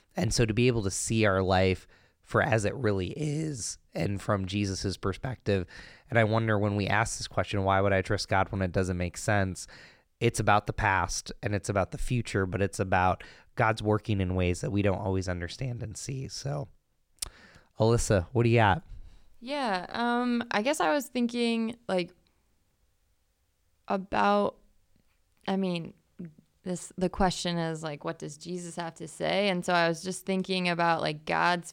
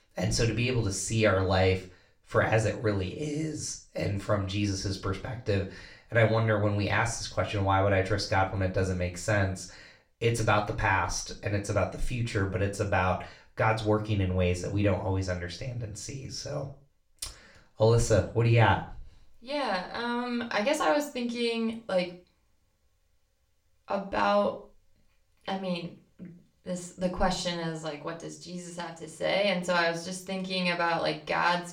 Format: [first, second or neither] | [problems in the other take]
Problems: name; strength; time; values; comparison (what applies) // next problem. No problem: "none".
first | room echo; very slight; dies away in 0.3 s // off-mic speech; somewhat distant